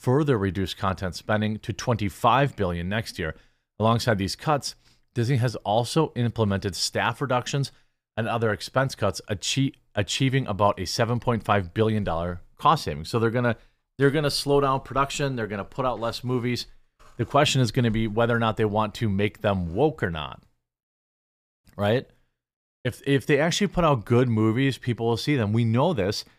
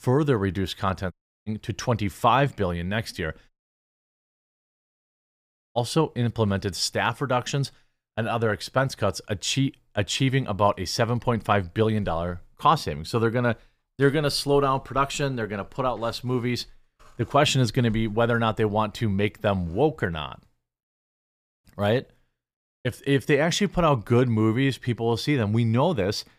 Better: first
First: none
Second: audio cutting out; at 1 s and at 3.5 s for 2.5 s

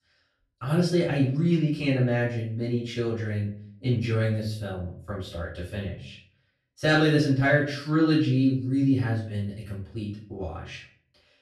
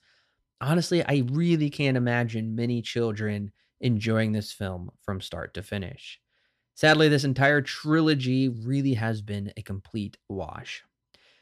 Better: second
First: off-mic speech; far // room echo; noticeable; dies away in 0.4 s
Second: none

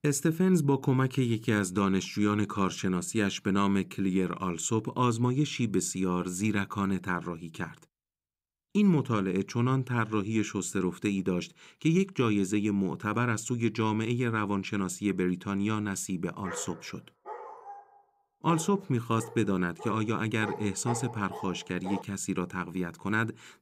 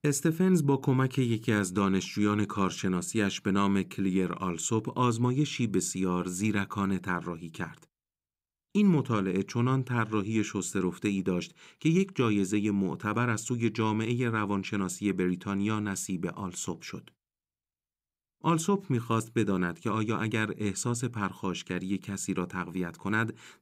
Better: second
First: dog barking; noticeable; from 16 to 22 s; peak 9 dB below the speech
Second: none

